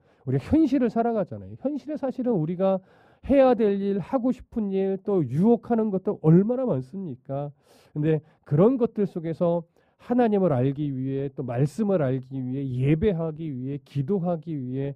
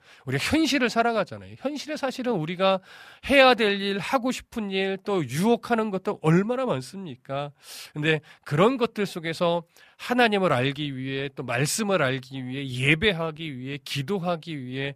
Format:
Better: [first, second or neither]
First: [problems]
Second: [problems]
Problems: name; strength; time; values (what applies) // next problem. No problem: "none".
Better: second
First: muffled; very; fading above 1 kHz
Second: none